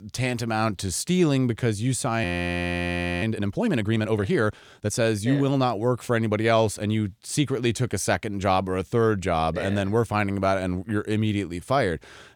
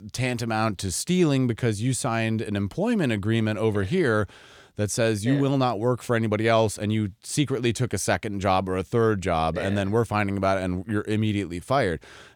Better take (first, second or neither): second